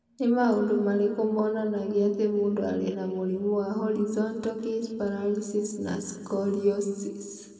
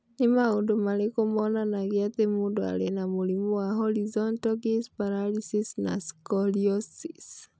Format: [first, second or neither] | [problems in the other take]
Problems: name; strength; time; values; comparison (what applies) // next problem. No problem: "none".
second | room echo; dies away in 1.8 s